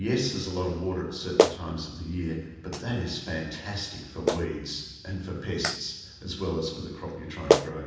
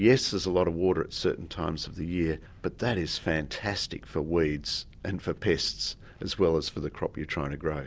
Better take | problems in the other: second | background sound (Clapping); 1 dB above the speech // room echo; dies away in 1.1 s

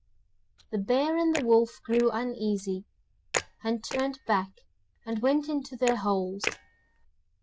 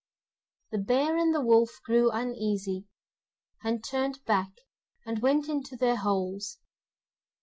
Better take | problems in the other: second | noise reduction (neural diffusion model UNIVERSE++)

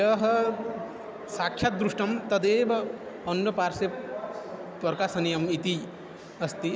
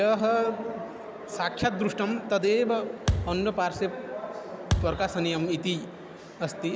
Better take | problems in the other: first | background sound (Thump, thud); 3 dB below the speech

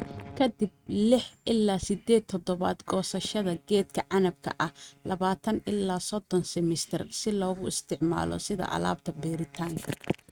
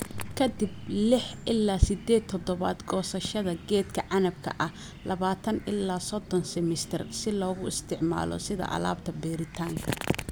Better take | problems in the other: second | noise reduction (neural mask model RNNoise)

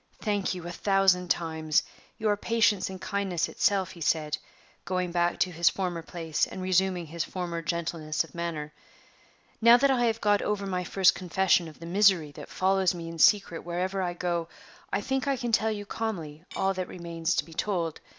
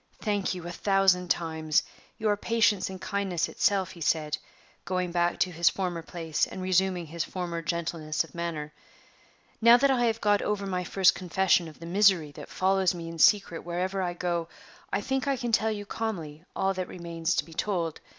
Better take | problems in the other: second | background sound (Cutlery, silverware / Dishes, pots, and pans); 18 dB below the speech

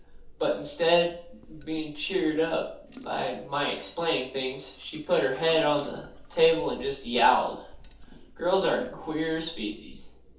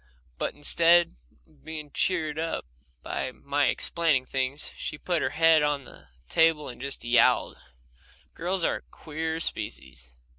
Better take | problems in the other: second | background sound (Drip / Sink (filling or washing) / Water tap, faucet); 19 dB below the speech // room echo; dies away in 0.5 s

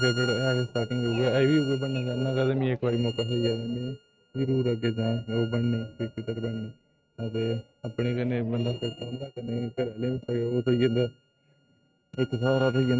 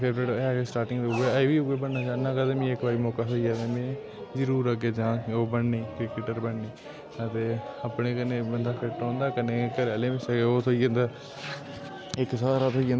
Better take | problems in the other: second | noise reduction (neural mask model RNNoise)

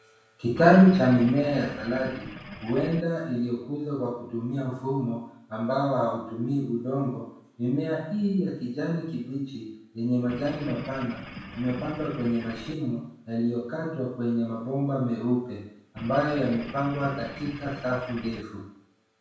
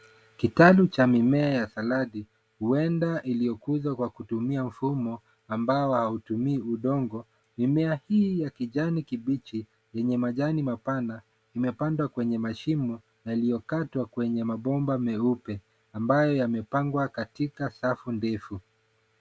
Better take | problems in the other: second | background sound (Engine / Boat, Water vehicle); 14 dB below the speech // room echo; dies away in 0.7 s

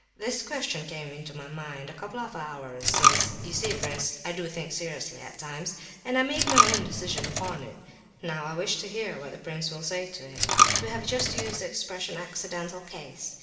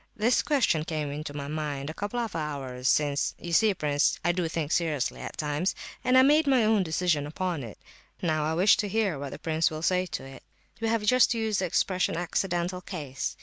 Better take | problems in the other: second | background sound (Coin (dropping)); 4 dB above the speech // room echo; dies away in 2.9 s

